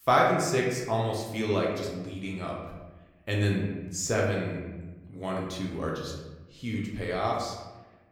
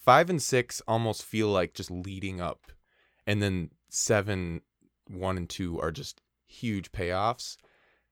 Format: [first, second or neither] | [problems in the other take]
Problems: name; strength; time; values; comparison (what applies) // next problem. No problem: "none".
second | room echo; noticeable; dies away in 1 s // off-mic speech; somewhat distant